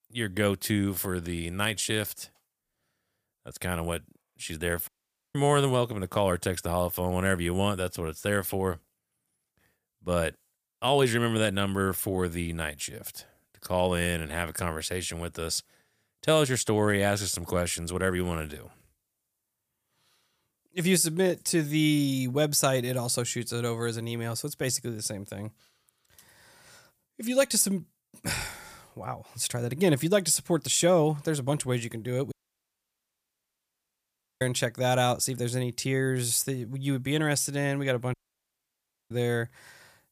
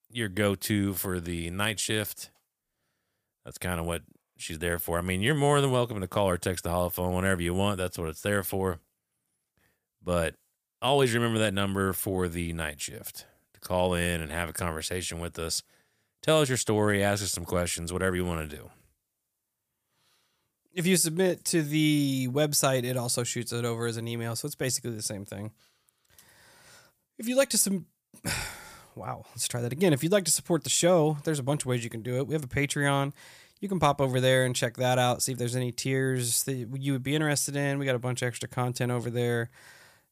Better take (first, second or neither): second